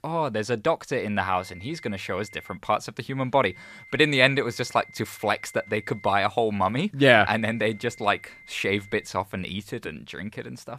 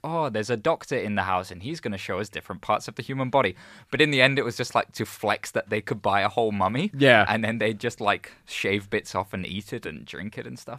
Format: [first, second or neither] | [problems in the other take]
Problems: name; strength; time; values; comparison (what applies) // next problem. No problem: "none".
second | high-pitched whine; faint; from 1 to 2.5 s, from 3.5 to 6 s and from 7 to 9 s; 2 kHz, 20 dB below the speech